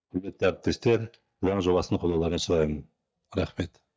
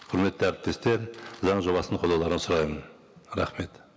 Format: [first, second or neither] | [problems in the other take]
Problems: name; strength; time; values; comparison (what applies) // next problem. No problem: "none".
second | noise reduction (neural mask model DeepFilterNet 3)